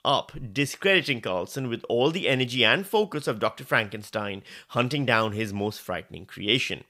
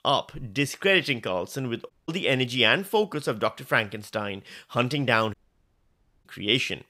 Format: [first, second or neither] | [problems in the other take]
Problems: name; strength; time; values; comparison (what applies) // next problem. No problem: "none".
first | audio cutting out; at 2 s and at 5.5 s for 1 s